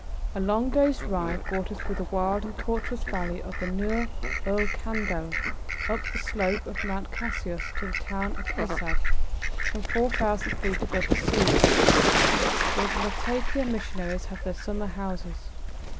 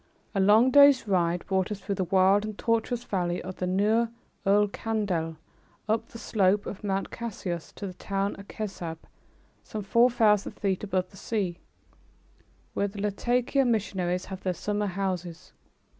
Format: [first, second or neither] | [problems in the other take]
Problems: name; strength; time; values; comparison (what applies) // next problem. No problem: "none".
second | background sound (Fowl); 5 dB above the speech